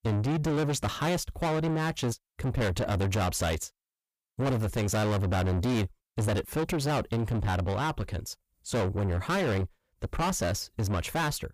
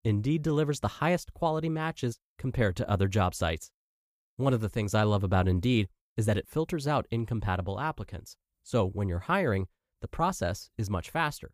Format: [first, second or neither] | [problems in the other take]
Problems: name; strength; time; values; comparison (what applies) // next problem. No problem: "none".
second | distortion; heavy; 6 dB below the speech